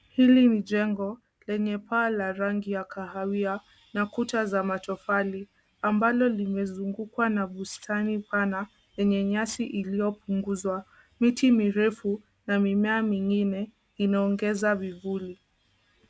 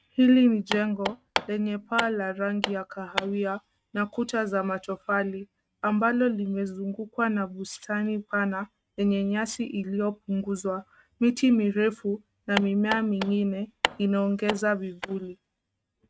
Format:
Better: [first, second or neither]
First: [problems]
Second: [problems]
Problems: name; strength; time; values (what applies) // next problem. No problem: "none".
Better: first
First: none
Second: noise reduction (neural mask model RNNoise)